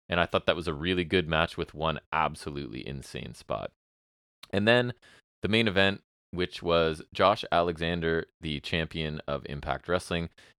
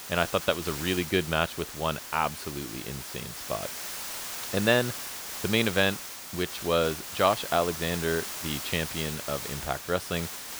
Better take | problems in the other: first | hiss; loud; throughout; 6 dB below the speech

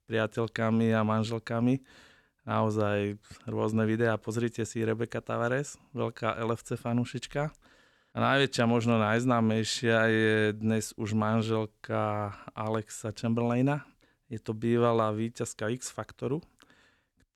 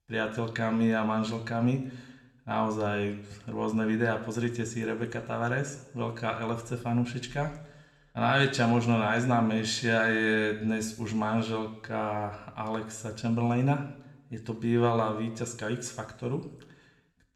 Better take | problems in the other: first | room echo; slight; dies away in 0.7 s

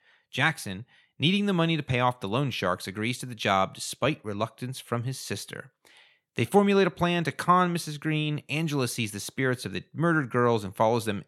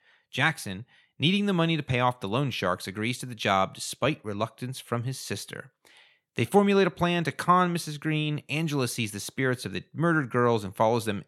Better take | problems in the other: neither | none

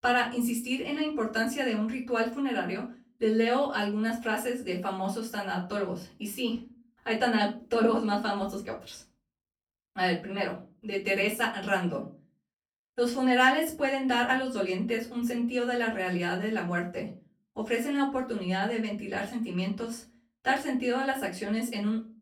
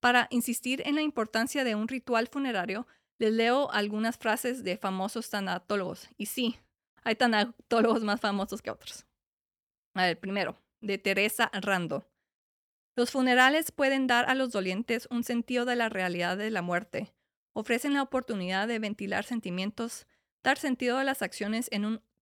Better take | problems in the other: second | off-mic speech; far // room echo; very slight; dies away in 0.3 s

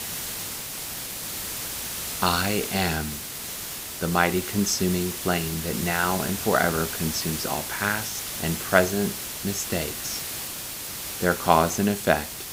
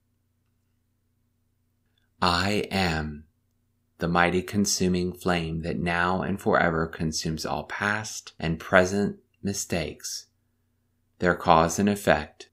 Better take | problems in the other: second | hiss; loud; throughout; 5 dB below the speech

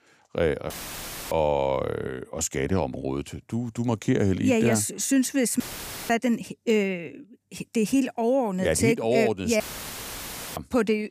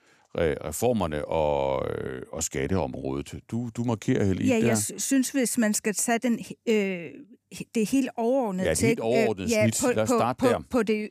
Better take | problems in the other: second | audio cutting out; filled with static; at 0.5 s for 0.5 s, at 5.5 s and at 9.5 s for 1 s

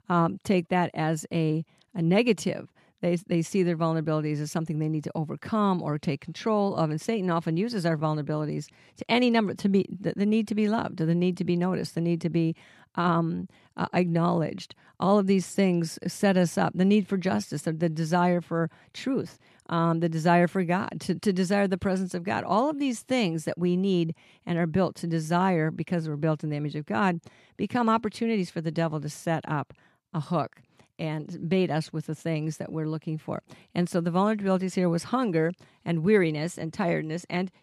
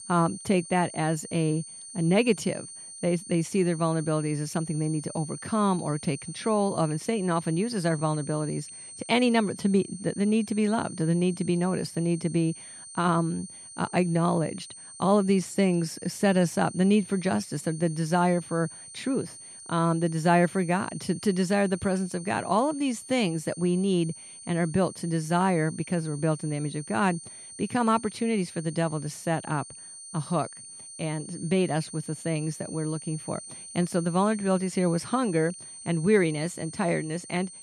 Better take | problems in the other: first | high-pitched whine; noticeable; throughout; 9 kHz, 15 dB below the speech

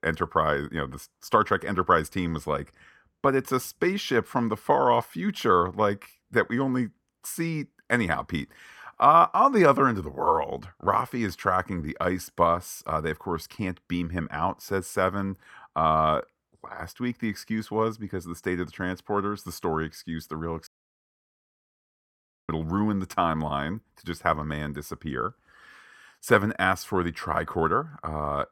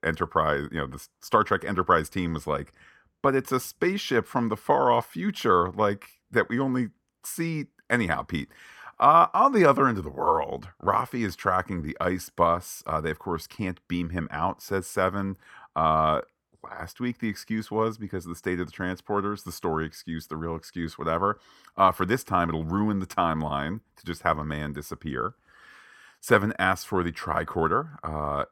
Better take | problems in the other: second | audio cutting out; at 21 s for 2 s

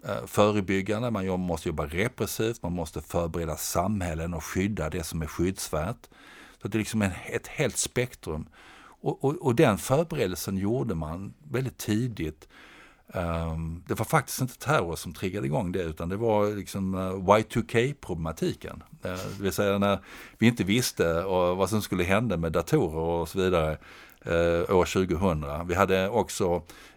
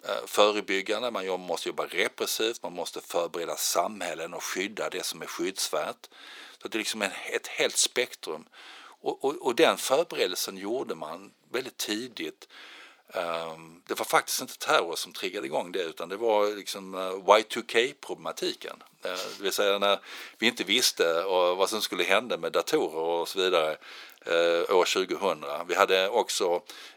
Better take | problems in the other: first | thin; somewhat; fading below 350 Hz

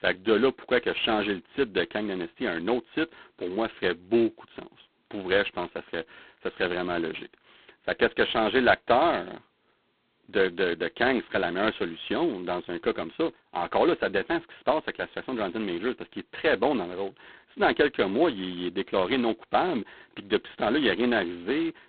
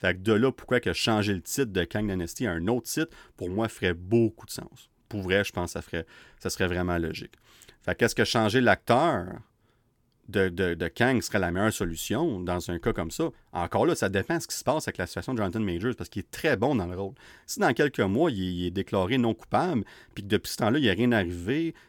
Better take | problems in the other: second | phone-call audio; poor line; nothing above 4 kHz

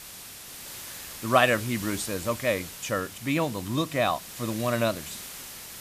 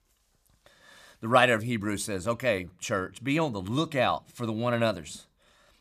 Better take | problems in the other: second | hiss; noticeable; throughout; 10 dB below the speech

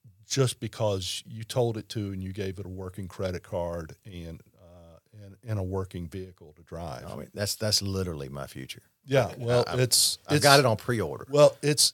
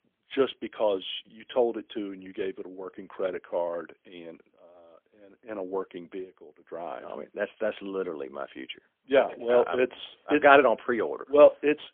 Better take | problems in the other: first | phone-call audio; poor line; nothing above 3.5 kHz

